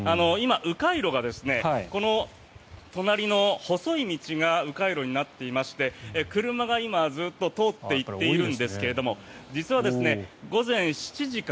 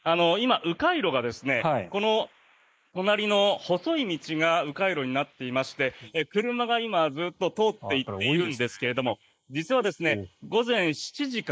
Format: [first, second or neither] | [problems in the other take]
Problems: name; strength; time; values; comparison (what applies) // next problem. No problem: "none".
first | noise reduction (neural mask model Resemble Enhance denoiser)